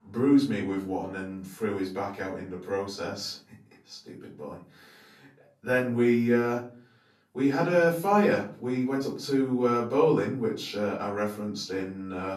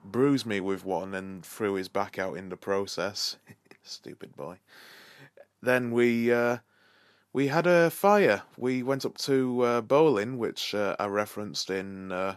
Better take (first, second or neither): second